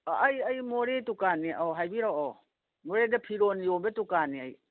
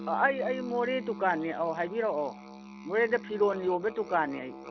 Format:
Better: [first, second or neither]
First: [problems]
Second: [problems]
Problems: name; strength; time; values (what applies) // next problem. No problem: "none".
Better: first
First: none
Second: background sound (Musical instrument); 13 dB below the speech